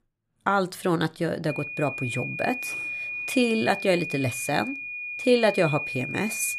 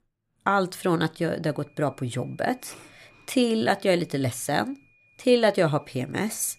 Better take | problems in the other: second | high-pitched whine; loud; from 1.5 s on; 2.5 kHz, 5 dB below the speech; faint in the second

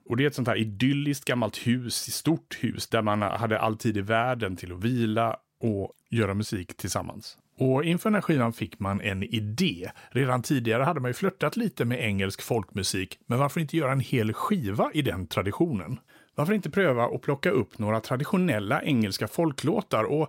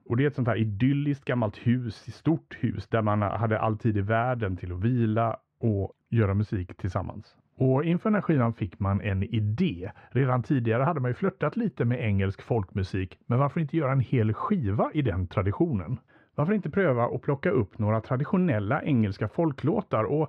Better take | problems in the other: first | muffled; very; fading above 2 kHz

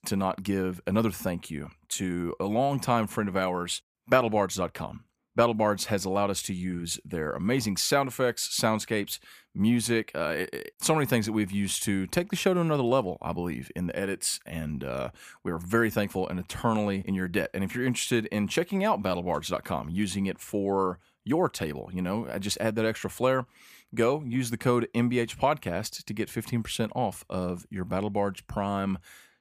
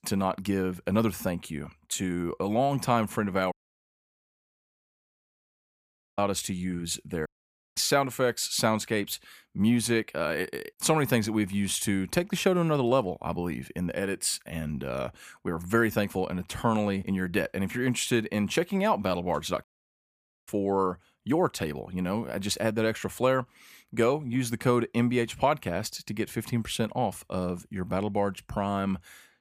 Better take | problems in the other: first | audio cutting out; at 3.5 s for 2.5 s, at 7.5 s for 0.5 s and at 20 s for 1 s

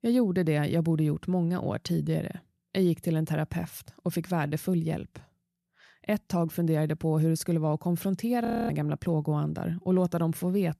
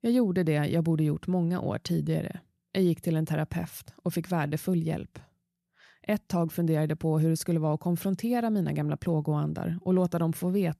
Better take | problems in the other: second | audio freezing; at 8.5 s

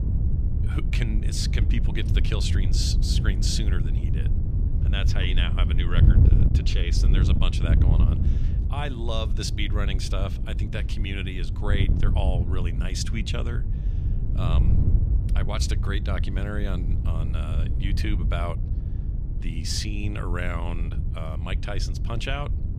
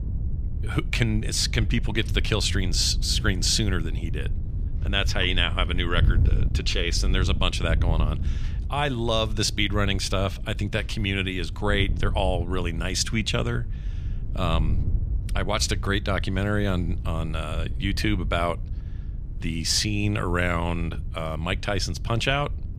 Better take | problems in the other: second | wind noise on the microphone; heavy; 7 dB below the speech; occasional gusts in the second

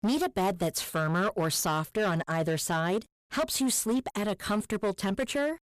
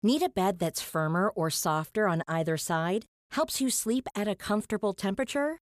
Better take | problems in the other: second | distortion; slight; 13% of the sound clipped

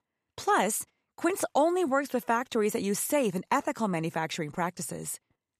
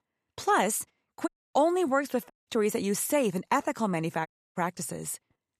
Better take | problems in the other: first | audio cutting out; at 1.5 s, at 2.5 s and at 4.5 s

